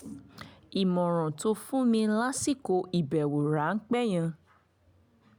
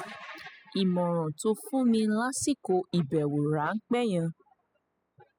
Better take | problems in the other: first | noise reduction (classical method spectral subtraction)

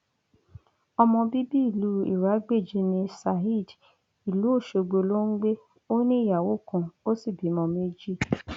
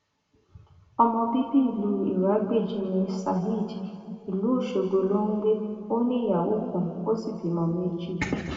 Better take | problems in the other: first | room echo; dies away in 2 s

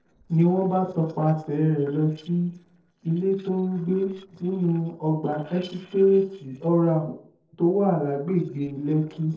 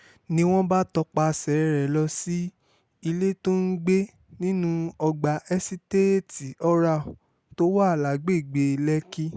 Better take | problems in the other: second | noise reduction (neural separator model SepFormer DNS4)

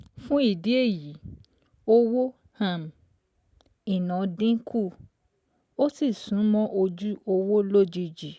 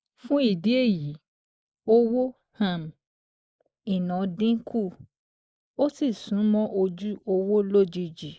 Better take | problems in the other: first | noise reduction (neural mask model Resemble Enhance denoiser)

